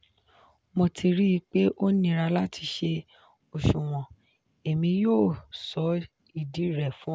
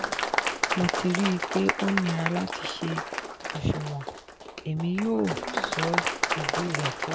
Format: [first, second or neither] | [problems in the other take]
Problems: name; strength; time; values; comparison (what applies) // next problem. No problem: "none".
first | background sound (Applause); 1 dB below the speech